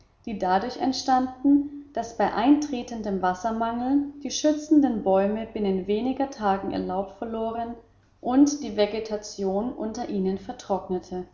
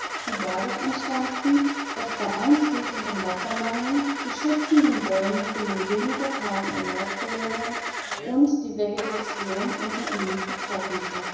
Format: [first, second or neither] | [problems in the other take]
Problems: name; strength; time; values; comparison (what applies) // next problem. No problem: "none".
first | background sound (Engine starting / Car); 5 dB below the speech // room echo; dies away in 1 s